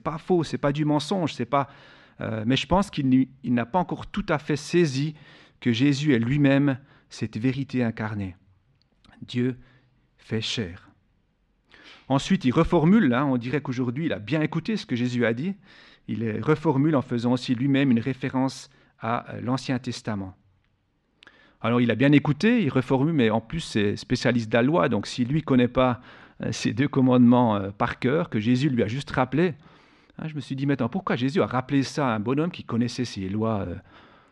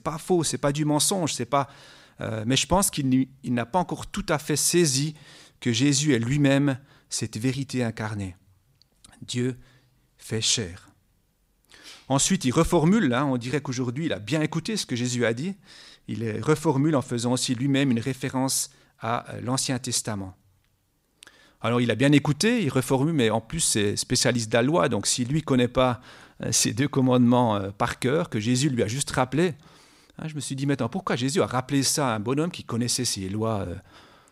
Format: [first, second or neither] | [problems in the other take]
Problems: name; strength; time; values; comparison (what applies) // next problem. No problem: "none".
second | muffled; slightly; fading above 2.5 kHz